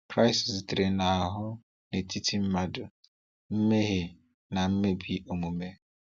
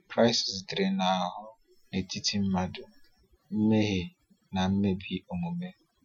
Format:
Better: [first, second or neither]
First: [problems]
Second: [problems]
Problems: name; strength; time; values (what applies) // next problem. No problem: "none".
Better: first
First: none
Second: noise reduction (classical method Wiener filter)